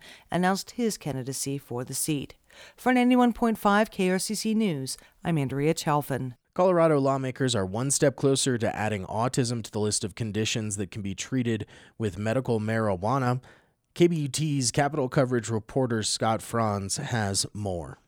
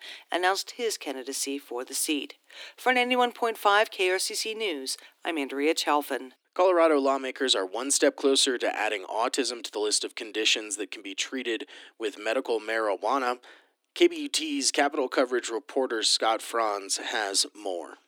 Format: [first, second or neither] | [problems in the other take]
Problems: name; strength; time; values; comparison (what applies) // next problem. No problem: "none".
first | thin; somewhat; fading below 300 Hz